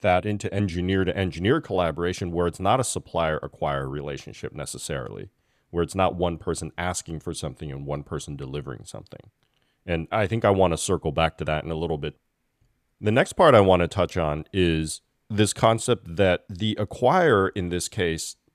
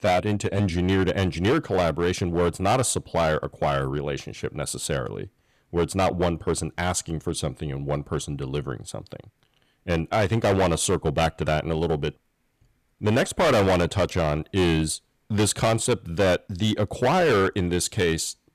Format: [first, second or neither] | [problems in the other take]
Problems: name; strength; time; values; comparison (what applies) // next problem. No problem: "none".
first | distortion; heavy; 9% of the sound clipped